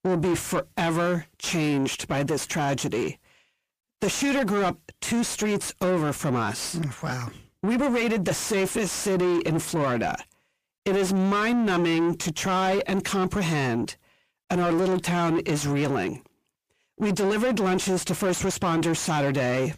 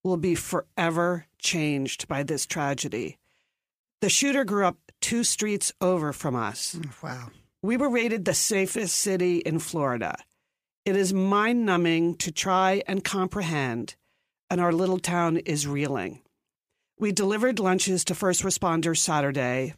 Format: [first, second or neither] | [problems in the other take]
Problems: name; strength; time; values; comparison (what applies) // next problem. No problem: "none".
second | distortion; heavy; 7 dB below the speech